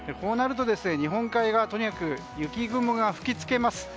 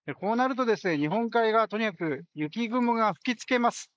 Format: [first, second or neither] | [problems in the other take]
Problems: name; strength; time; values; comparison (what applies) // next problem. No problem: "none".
first | noise reduction (neural mask model Resemble Enhance denoiser)